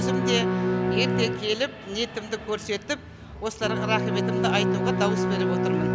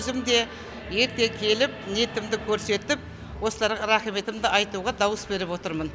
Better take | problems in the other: second | background sound (Bowed string instrument); 3 dB above the speech

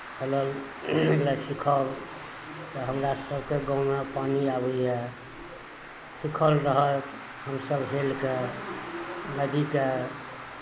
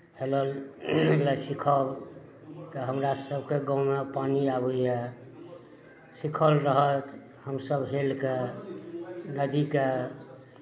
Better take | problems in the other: second | background sound (Traffic noise, roadway noise); 13 dB below the speech

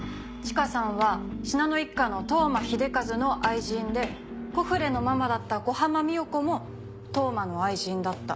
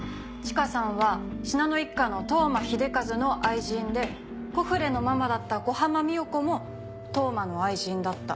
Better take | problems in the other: first | background sound (Wind instrument, woodwind instrument); 20 dB below the speech

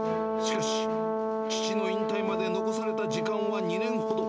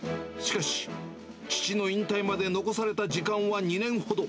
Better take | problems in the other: second | background sound (Brass instrument); 5 dB above the speech

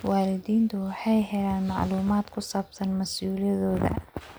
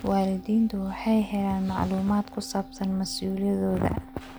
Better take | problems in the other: first | background sound (Organ + Idling / Engine starting / Motor vehicle (road)); 19 dB below the speech

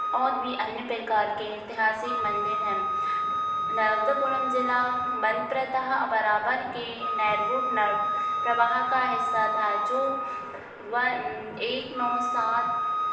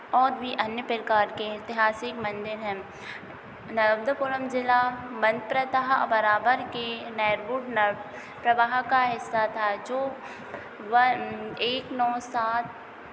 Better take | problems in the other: second | background sound (Wind instrument, woodwind instrument); 1 dB below the speech // room echo; dies away in 0.9 s

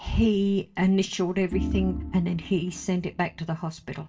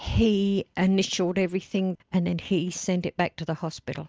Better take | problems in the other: second | background sound (Organ); 8 dB below the speech // room echo; dies away in 0.2 s

